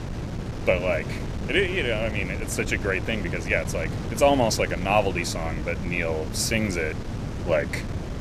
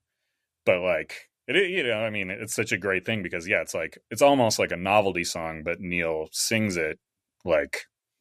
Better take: second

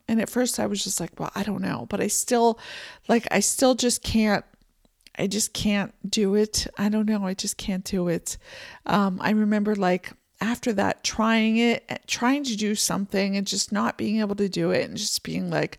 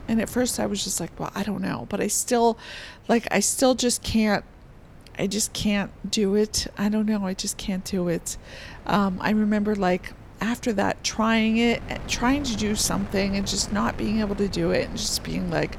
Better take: first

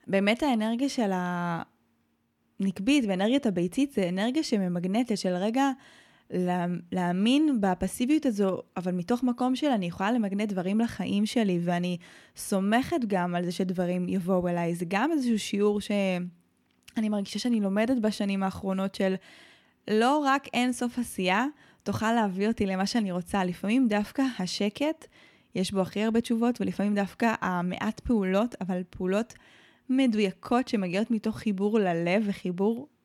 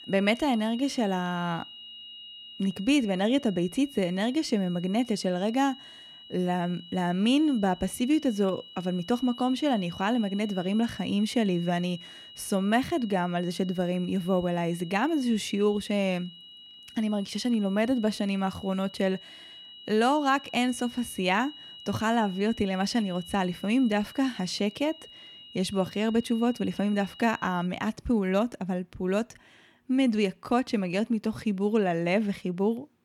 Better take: first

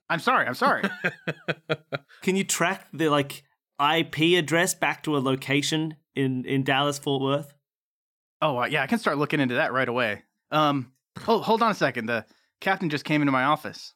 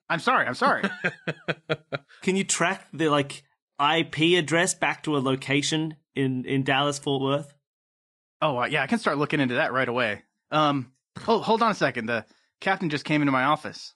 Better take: first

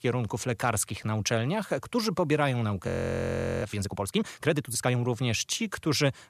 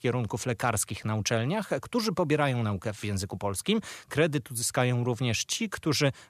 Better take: second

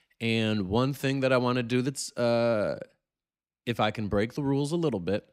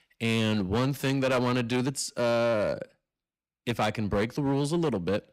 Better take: first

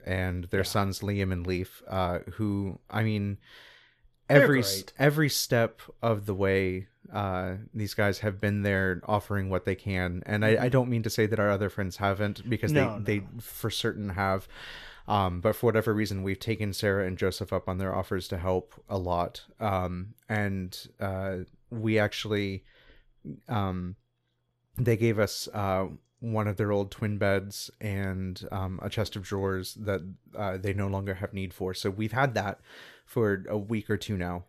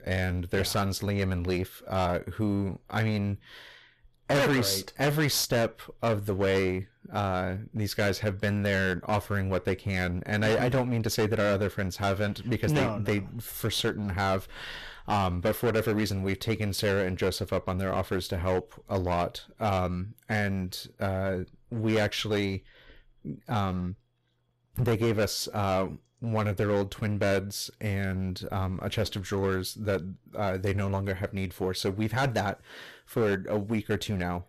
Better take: first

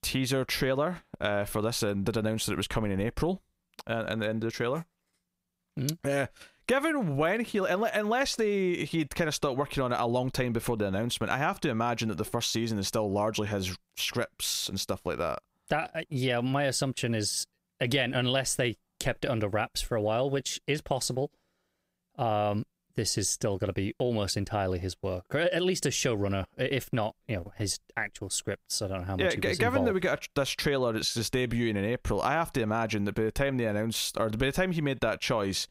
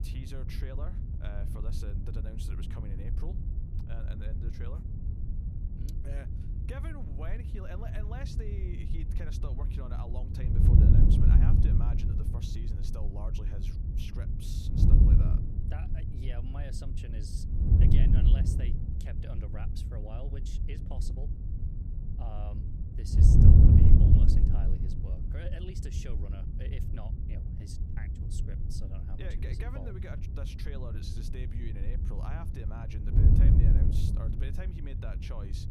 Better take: first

